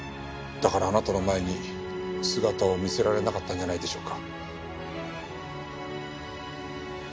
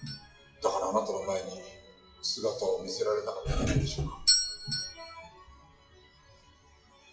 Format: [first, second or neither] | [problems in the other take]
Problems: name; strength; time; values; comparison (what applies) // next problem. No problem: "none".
first | noise reduction (classical method WPE with log-MMSE)